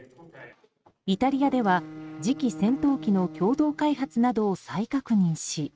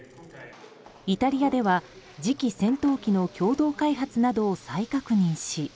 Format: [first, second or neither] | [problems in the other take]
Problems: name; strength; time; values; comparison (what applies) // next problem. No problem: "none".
second | noise reduction (neural mask model RNNoise)